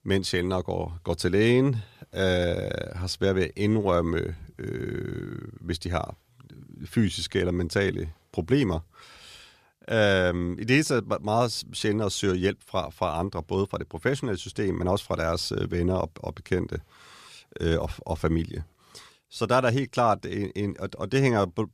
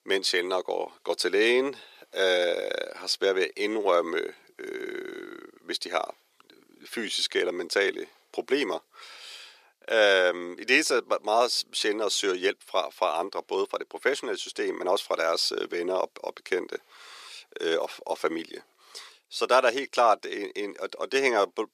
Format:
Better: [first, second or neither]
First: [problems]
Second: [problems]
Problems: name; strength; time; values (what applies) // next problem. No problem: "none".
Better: first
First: none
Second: thin; very; fading below 350 Hz